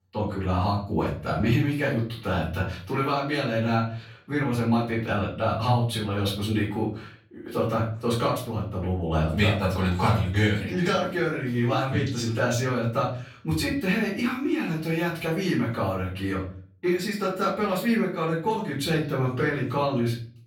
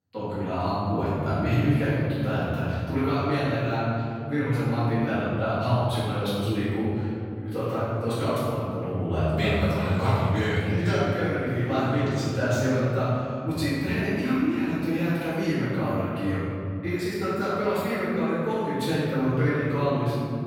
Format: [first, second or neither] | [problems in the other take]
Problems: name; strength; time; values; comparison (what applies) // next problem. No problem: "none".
first | room echo; strong; dies away in 3 s; slight in the first // off-mic speech; far; far in the first